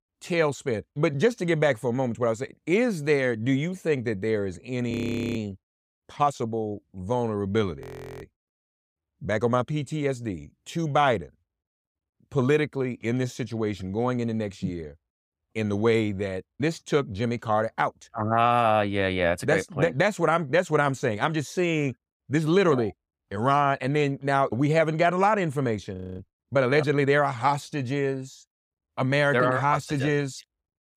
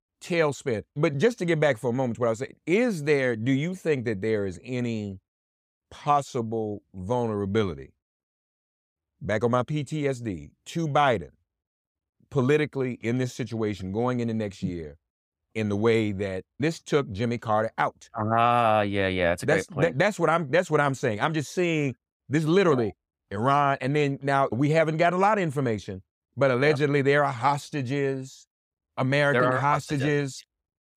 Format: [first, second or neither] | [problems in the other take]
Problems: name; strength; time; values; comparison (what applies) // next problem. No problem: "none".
second | audio freezing; at 5 s, at 8 s and at 26 s